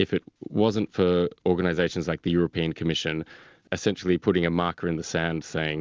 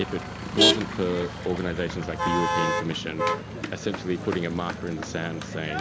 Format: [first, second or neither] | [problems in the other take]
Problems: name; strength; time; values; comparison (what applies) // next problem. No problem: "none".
first | background sound (Motor vehicle (road)); 1 dB above the speech